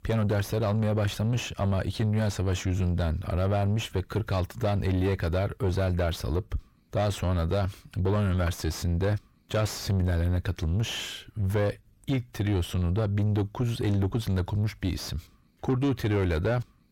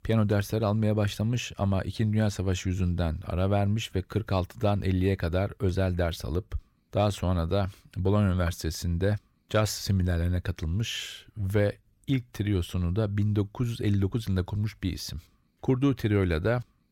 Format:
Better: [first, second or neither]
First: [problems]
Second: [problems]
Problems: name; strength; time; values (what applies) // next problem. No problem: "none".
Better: second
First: distortion; slight; 9 dB below the speech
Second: none